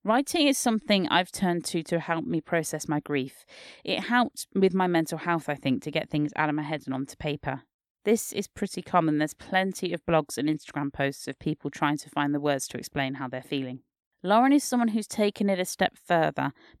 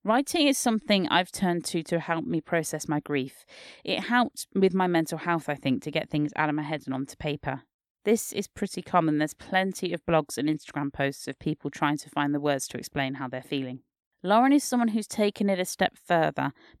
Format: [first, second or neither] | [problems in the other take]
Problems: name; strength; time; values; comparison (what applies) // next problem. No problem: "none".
neither | none